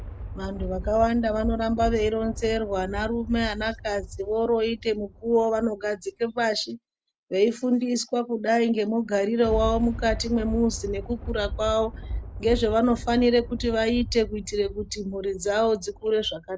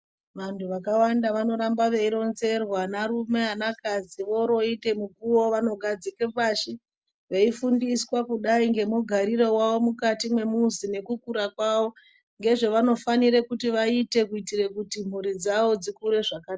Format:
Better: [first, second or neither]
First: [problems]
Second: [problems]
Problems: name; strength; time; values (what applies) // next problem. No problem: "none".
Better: second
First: background sound (Thunder); 11 dB below the speech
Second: none